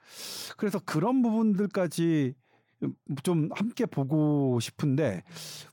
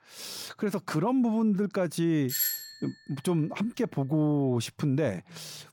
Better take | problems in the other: first | doorbell; loud; at 2.5 s; peak 2 dB above the speech

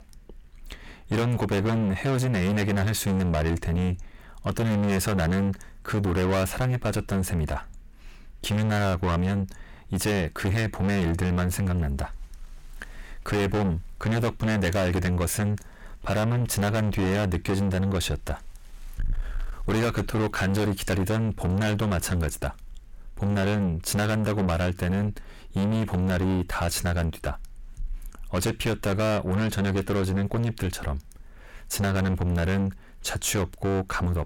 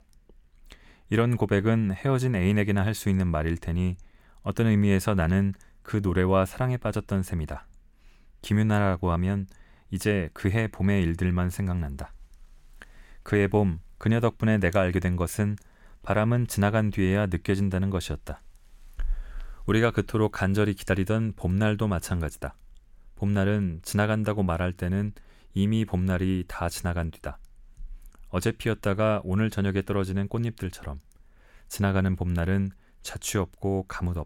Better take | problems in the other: second | distortion; heavy; 5 dB below the speech

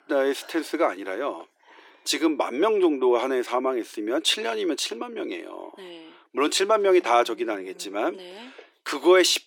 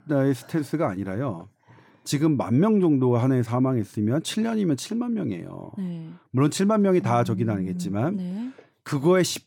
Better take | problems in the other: second | thin; very; fading below 350 Hz

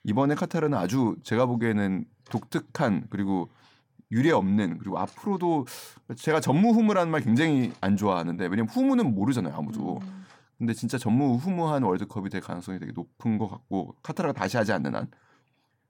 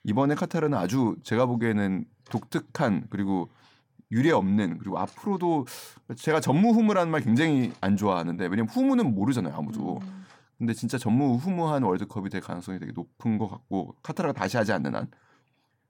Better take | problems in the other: neither | none

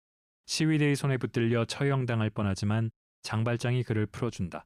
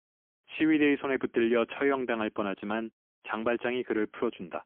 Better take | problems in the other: first | phone-call audio; poor line; nothing above 3.5 kHz

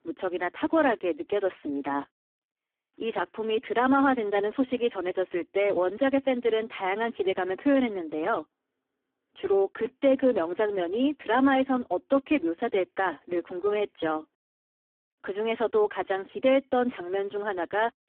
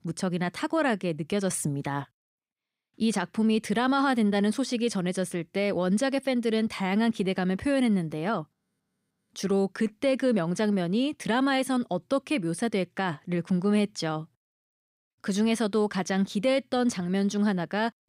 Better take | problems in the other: second | phone-call audio; poor line

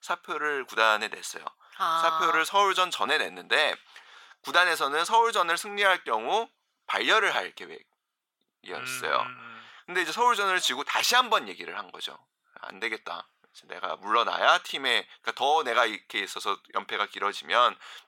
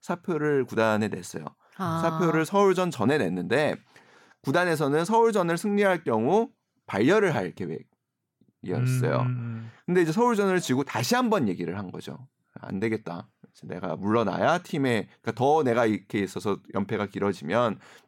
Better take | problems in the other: second | thin; very; fading below 800 Hz

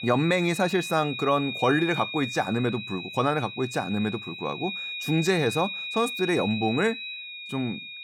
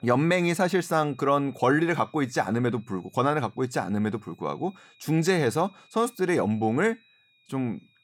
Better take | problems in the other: second | high-pitched whine; loud; throughout; 2.5 kHz, 7 dB below the speech; faint in the second

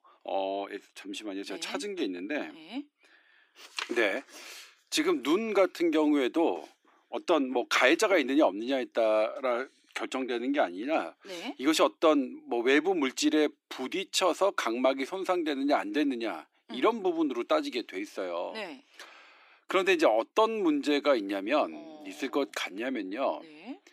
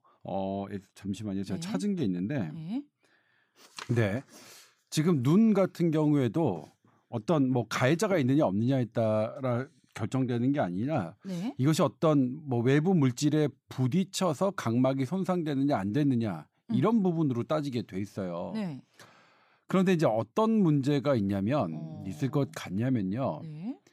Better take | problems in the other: second | thin; somewhat; fading below 300 Hz

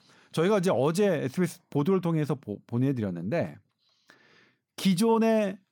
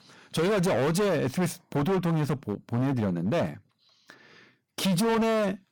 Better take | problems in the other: first | distortion; heavy; 21% of the sound clipped

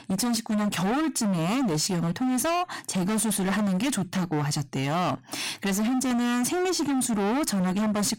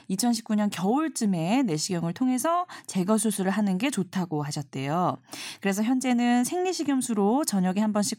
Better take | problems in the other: second | distortion; heavy; 39% of the sound clipped

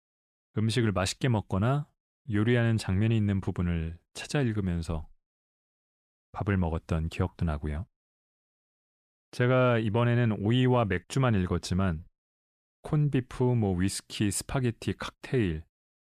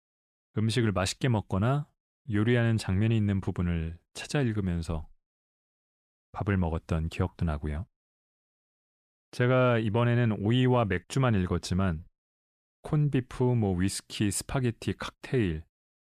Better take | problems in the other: neither | none

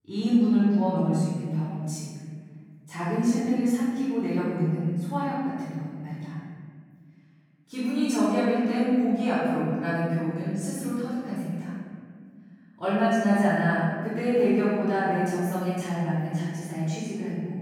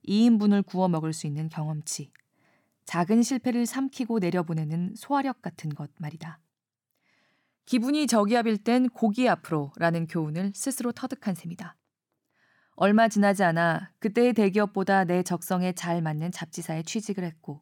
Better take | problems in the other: second | off-mic speech; far // room echo; strong; dies away in 2 s

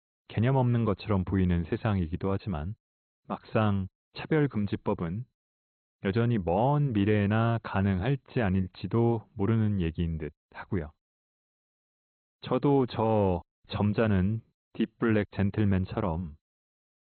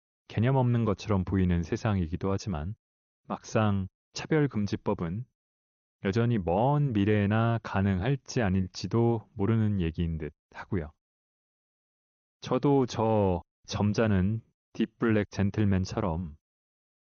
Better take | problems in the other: second | garbled, watery; badly; nothing above 4 kHz; slightly in the second

